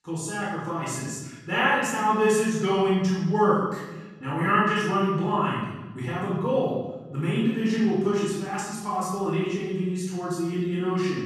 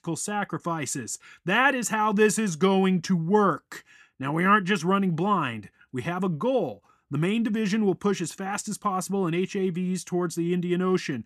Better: second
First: off-mic speech; far // room echo; strong; dies away in 1.1 s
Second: none

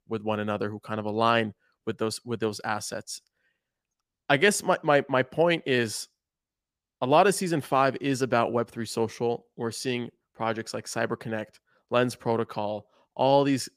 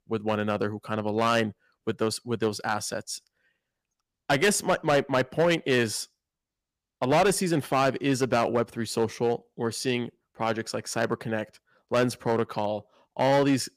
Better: first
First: none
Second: distortion; slight; 4% of the sound clipped

